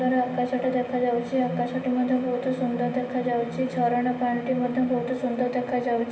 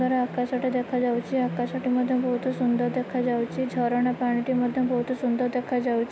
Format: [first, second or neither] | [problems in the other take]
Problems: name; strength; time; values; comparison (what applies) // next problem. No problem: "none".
second | room echo; dies away in 1 s